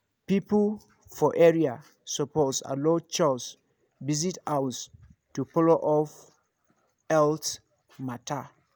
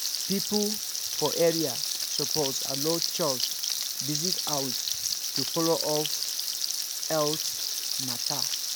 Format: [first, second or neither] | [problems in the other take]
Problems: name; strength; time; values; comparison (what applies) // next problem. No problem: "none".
first | background sound (Frying (food)); 2 dB above the speech